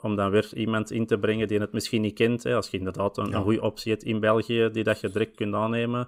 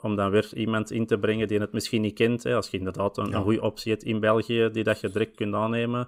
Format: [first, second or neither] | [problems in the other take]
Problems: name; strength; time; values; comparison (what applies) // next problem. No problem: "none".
neither | none